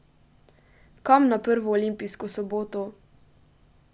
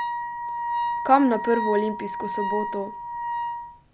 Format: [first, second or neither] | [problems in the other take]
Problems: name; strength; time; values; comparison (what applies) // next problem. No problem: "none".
first | background sound (Wind instrument, woodwind instrument); 3 dB below the speech